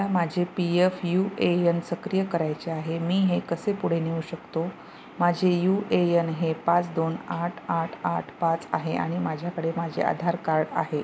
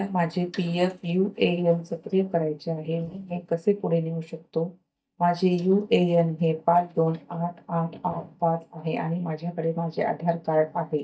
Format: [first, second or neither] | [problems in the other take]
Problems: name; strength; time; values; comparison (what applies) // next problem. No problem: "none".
first | noise reduction (neural mask model DeepFilterNet 3)